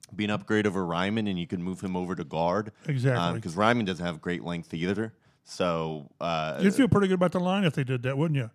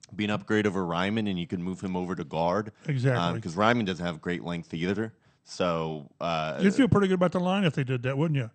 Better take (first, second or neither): first